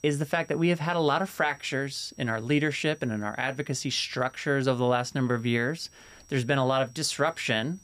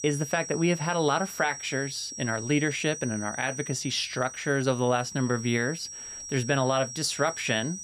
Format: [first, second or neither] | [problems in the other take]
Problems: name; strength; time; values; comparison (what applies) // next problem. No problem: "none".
first | high-pitched whine; loud; throughout; 5.5 kHz, 9 dB below the speech; faint in the first